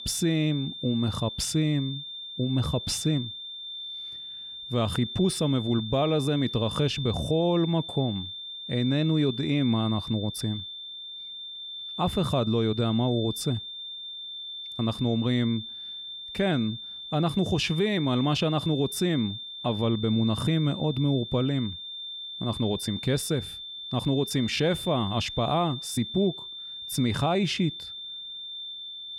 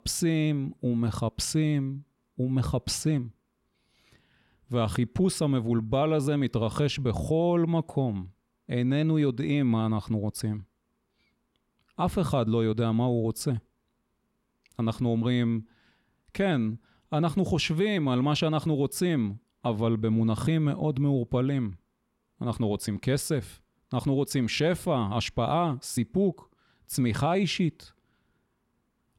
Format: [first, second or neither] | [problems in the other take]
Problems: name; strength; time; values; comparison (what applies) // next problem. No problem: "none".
second | high-pitched whine; loud; throughout; 3.5 kHz, 9 dB below the speech